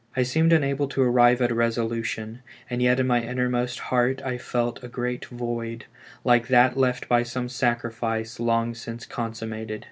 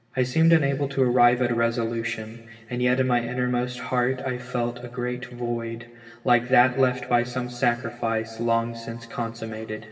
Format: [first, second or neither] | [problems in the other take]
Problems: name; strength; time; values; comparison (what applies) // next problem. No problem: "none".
first | room echo; dies away in 2 s